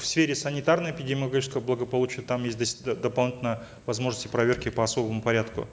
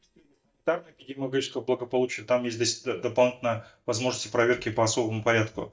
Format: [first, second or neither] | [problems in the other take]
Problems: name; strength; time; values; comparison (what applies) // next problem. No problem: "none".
first | noise reduction (neural mask model DeepFilterNet 3)